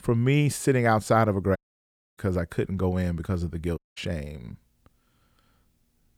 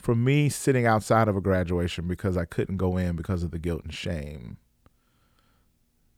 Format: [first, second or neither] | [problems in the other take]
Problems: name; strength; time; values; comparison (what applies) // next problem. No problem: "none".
second | audio cutting out; at 1.5 s for 0.5 s and at 4 s